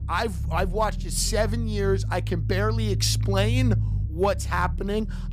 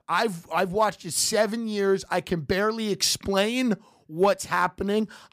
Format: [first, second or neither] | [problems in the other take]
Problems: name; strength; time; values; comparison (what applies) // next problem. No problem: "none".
second | low rumble; noticeable; throughout; 15 dB below the speech